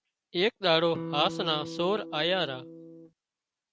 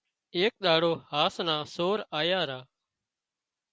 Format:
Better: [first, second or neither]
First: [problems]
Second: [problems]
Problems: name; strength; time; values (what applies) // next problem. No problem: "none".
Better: second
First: background sound (Electric guitar); 10 dB below the speech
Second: none